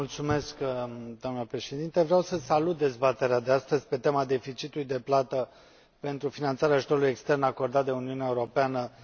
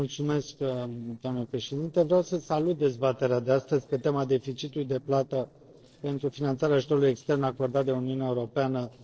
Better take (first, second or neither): first